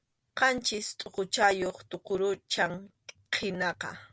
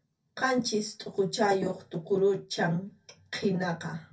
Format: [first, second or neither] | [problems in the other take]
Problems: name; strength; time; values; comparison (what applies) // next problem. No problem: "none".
first | room echo; dies away in 0.3 s